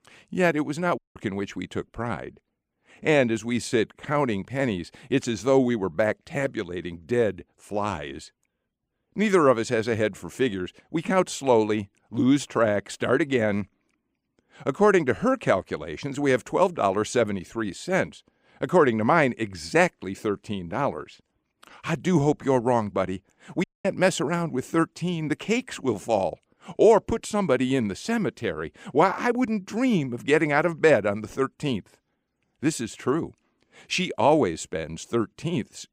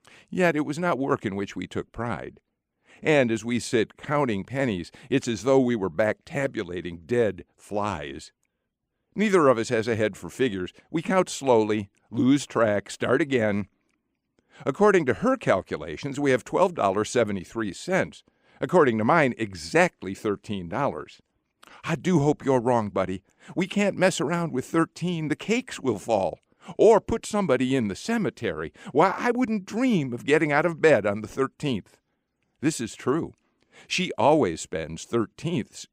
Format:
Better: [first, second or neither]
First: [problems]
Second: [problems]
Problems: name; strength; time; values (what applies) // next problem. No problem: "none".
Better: second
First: audio cutting out; at 1 s and at 24 s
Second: none